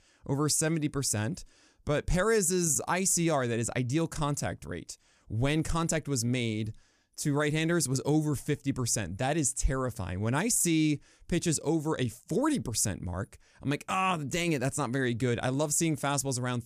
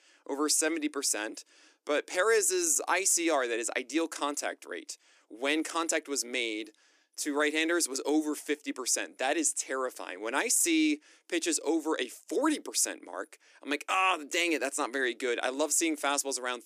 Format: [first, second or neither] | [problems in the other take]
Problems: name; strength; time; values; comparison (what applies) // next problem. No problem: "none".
first | thin; somewhat; fading below 300 Hz